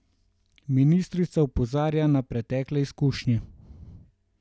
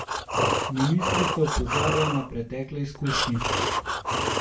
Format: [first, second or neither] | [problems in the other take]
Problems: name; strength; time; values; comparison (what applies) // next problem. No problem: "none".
first | background sound (Breathing); 1 dB above the speech // room echo; dies away in 0.3 s